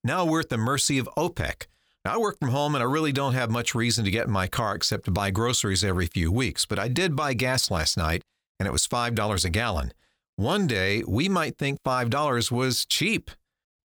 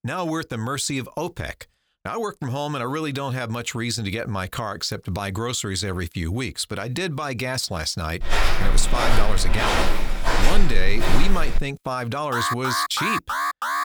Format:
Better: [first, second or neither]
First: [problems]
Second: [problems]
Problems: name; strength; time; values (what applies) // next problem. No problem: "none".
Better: first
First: none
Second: footsteps; loud; from 8 to 12 s; peak 5 dB above the speech // alarm; loud; from 12 s on; peak 3 dB above the speech